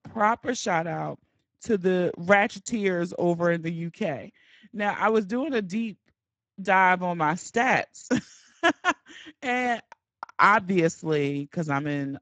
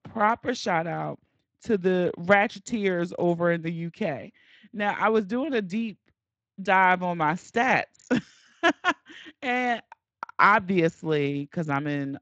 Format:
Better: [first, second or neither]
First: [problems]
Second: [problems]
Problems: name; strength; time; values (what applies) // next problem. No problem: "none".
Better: second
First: garbled, watery; badly; nothing above 7.5 kHz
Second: garbled, watery; slightly; nothing above 7.5 kHz